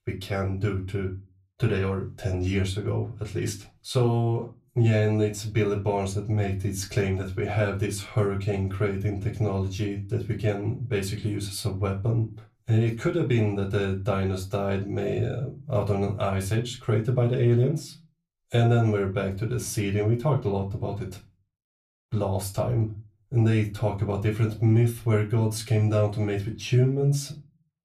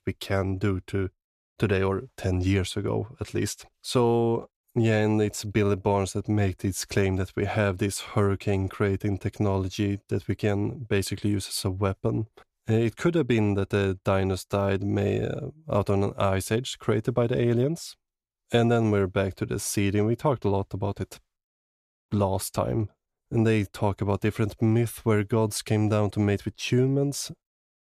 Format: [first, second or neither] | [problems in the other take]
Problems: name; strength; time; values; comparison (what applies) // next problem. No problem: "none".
second | off-mic speech; far // room echo; very slight; dies away in 0.3 s